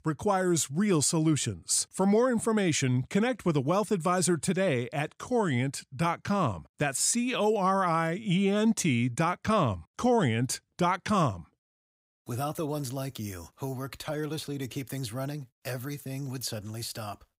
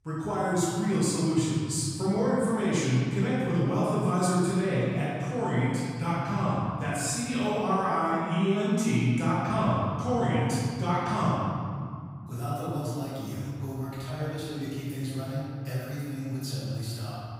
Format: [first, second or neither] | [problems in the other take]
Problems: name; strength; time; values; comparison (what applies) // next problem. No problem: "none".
first | room echo; strong; dies away in 2.6 s // off-mic speech; far